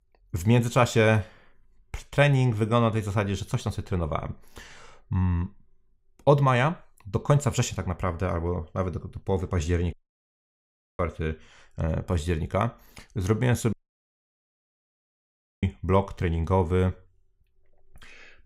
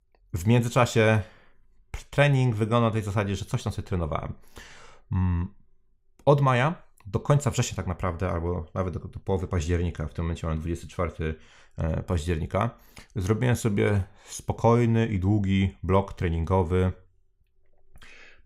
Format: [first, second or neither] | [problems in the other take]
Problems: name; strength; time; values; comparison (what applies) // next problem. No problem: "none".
second | audio cutting out; at 10 s for 1 s and at 14 s for 2 s